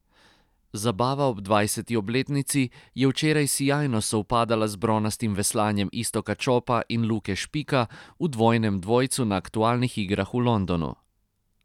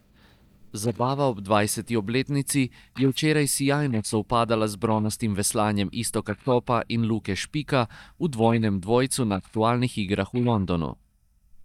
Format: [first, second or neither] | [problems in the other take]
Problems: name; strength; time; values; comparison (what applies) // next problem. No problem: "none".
first | noise reduction (neural mask model DeepFilterNet 3)